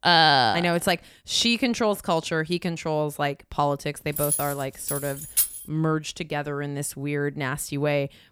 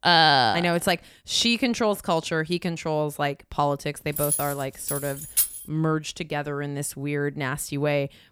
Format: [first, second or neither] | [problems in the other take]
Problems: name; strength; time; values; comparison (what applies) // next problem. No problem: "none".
neither | jangling keys; loud; from 4 to 5.5 s; peak 2 dB above the speech; the same in both